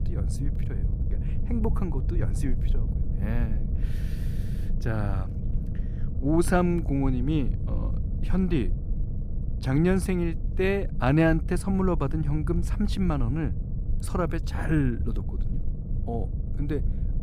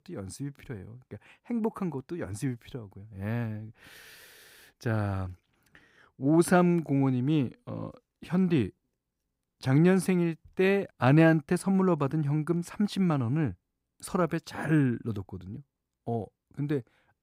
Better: second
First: low rumble; noticeable; throughout; 15 dB below the speech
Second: none

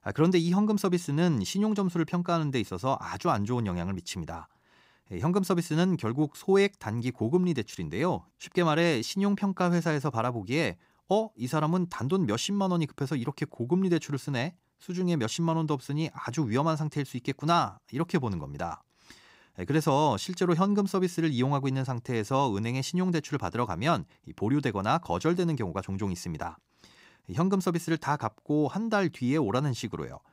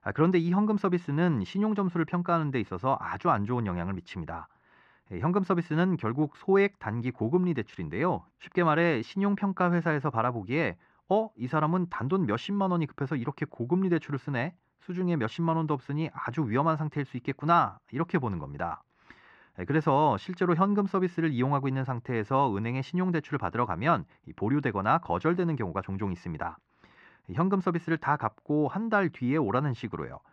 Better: first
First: none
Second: muffled; very; fading above 2 kHz

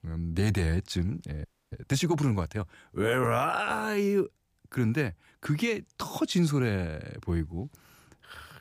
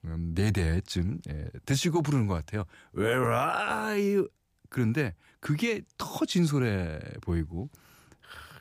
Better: second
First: audio freezing; at 1.5 s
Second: none

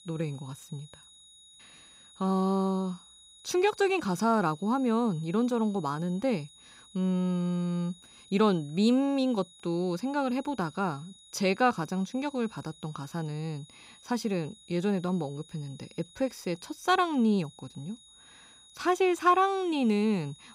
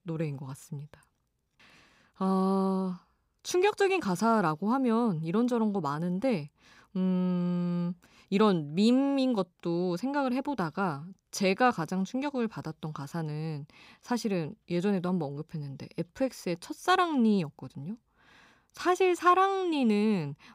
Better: second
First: high-pitched whine; faint; throughout; 4 kHz, 25 dB below the speech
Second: none

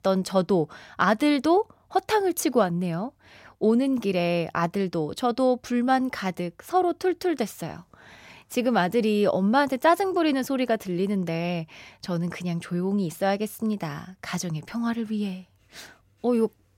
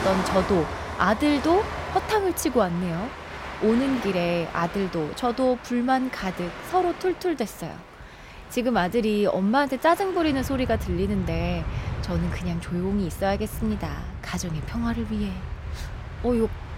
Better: first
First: none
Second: train or aircraft noise; loud; throughout; 9 dB below the speech

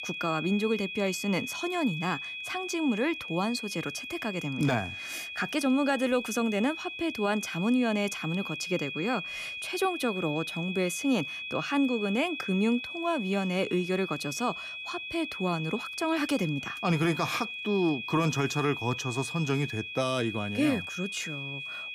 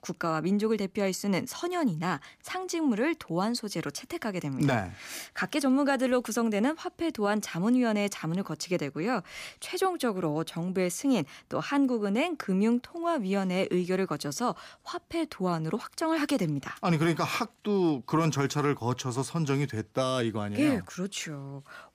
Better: second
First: high-pitched whine; loud; throughout; 2.5 kHz, 6 dB below the speech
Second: none

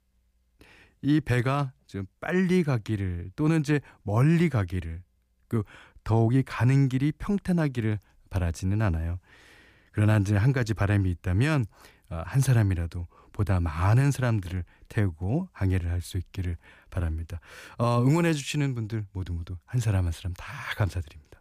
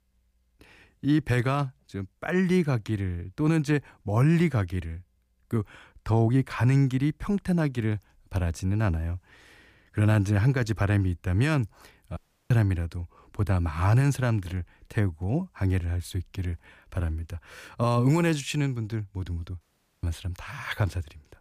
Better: first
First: none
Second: audio cutting out; at 12 s and at 20 s

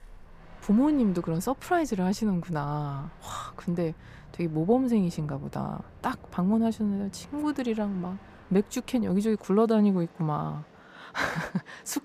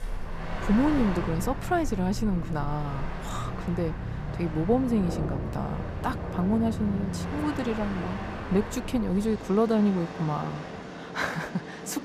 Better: first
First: train or aircraft noise; faint; throughout; 25 dB below the speech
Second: train or aircraft noise; loud; throughout; 6 dB below the speech

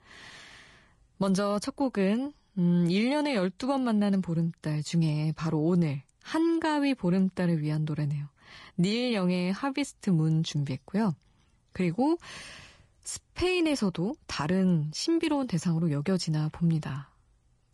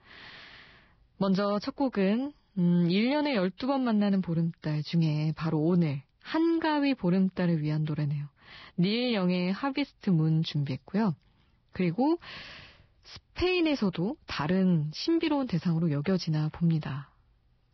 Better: first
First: garbled, watery; slightly; nothing above 10.5 kHz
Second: garbled, watery; badly; nothing above 5.5 kHz

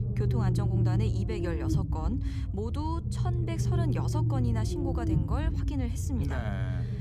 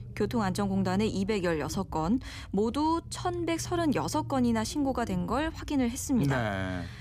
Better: second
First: low rumble; loud; throughout; 1 dB below the speech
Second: low rumble; faint; throughout; 20 dB below the speech

